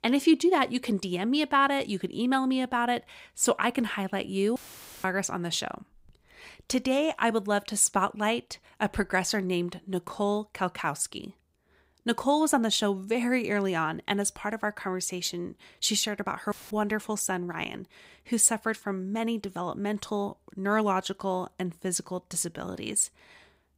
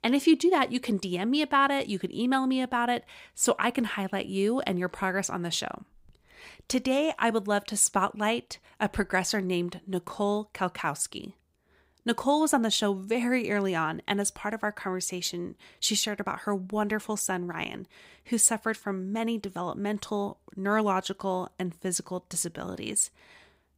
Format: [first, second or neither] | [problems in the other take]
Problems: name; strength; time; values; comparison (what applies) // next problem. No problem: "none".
second | audio cutting out; filled with static; at 4.5 s and at 17 s